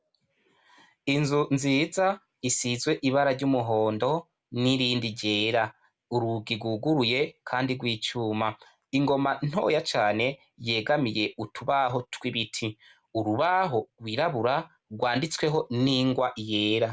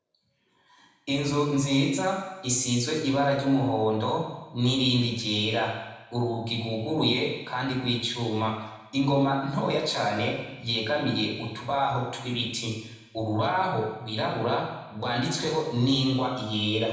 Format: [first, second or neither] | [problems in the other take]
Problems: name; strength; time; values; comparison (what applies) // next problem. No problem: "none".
first | room echo; dies away in 1 s